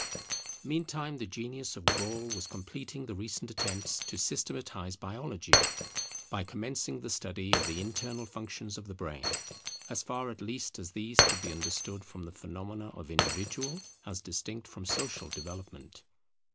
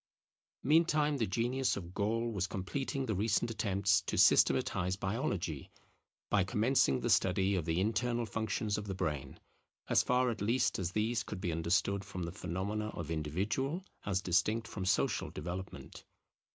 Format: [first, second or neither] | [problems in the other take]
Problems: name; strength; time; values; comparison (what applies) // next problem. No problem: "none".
second | background sound (Shatter); 2 dB above the speech